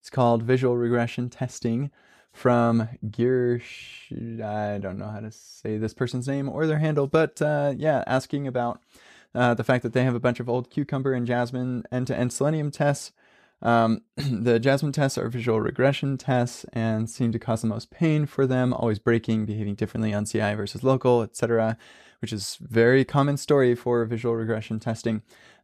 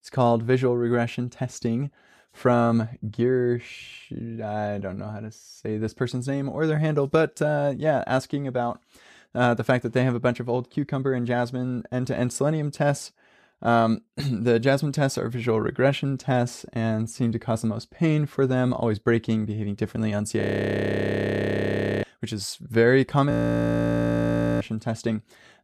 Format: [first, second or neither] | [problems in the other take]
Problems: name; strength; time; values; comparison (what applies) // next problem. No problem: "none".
first | audio freezing; at 20 s for 1.5 s and at 23 s for 1.5 s